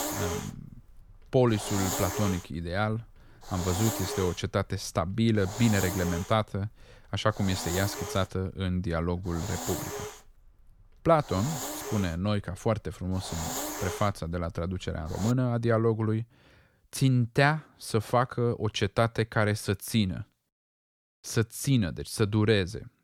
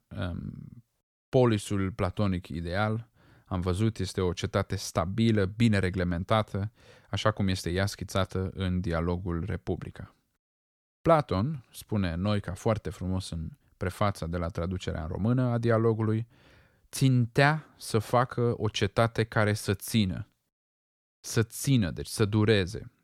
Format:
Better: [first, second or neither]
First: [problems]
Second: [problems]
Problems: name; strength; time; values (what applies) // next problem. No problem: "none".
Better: second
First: hiss; loud; until 15 s; 7 dB below the speech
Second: none